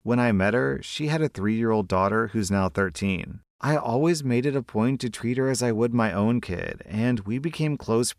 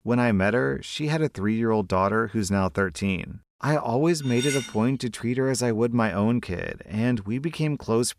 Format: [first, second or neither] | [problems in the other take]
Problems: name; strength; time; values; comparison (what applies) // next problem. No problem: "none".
first | clattering dishes; noticeable; at 4 s; peak 5 dB below the speech